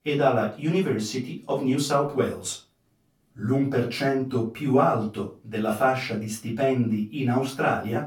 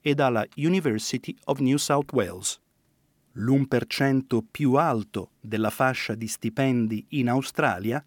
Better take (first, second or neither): second